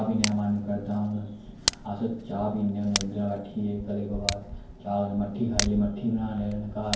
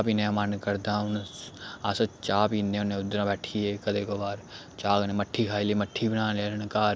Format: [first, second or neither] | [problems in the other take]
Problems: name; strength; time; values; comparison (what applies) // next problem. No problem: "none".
second | background sound (Tick); 7 dB below the speech // room echo; dies away in 0.9 s